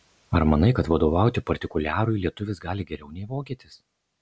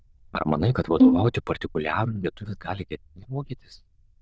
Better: first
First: none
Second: noise reduction (neural diffusion model UNIVERSE++)

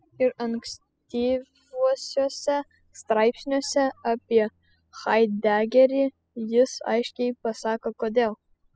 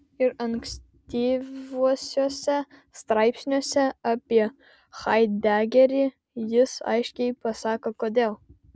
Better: second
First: noise reduction (classical method spectral subtraction)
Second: none

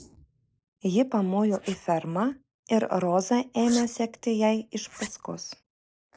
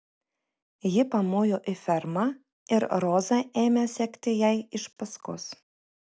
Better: second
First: noise reduction (neural mask model Resemble Enhance denoiser)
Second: none

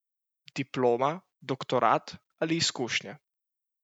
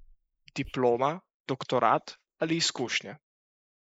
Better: first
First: none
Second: noise reduction (neural mask model Resemble Enhance denoiser)

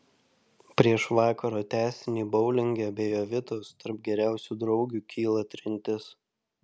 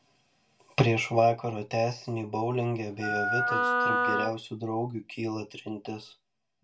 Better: first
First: none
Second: background sound (Wind instrument, woodwind instrument); 3 dB above the speech // room echo; dies away in 0.1 s

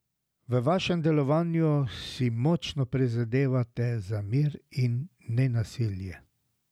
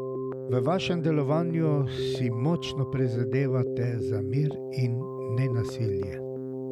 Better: first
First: none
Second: background sound (Keyboard (musical)); 4 dB below the speech

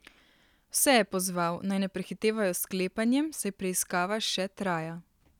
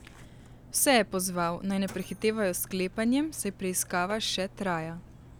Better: first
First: none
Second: background sound (Mechanisms); 19 dB below the speech

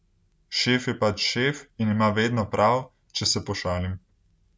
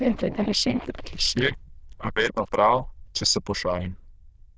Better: first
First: none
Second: noise reduction (neural diffusion model UNIVERSE++)

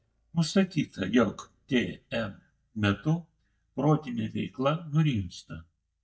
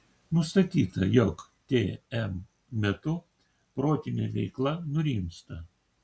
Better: second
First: noise reduction (neural mask model DeepFilterNet 3)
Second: none

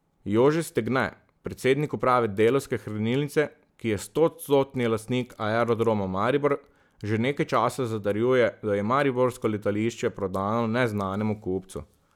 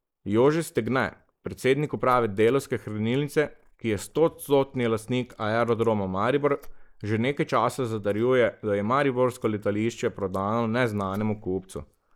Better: first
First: none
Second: noise reduction (neural mask model Resemble Enhance denoiser)

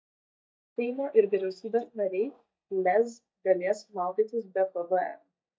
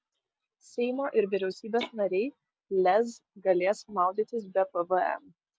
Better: second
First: noise reduction (neural mask model DeepFilterNet 3)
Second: none

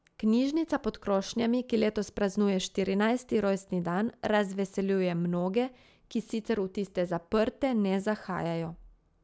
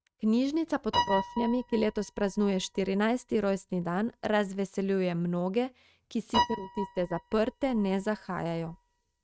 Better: first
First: none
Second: noise reduction (neural mask model RNNoise)

